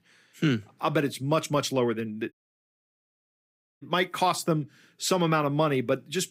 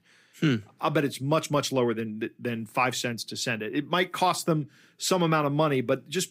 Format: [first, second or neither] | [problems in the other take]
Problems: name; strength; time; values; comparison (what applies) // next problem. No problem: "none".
second | audio cutting out; at 2.5 s for 1.5 s